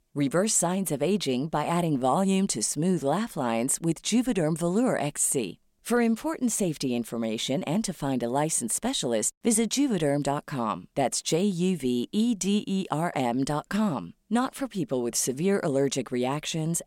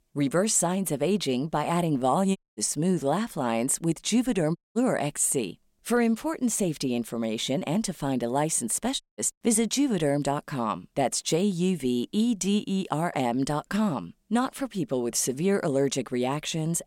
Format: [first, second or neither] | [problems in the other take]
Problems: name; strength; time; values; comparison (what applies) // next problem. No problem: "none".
first | audio cutting out; at 2.5 s, at 4.5 s and at 9 s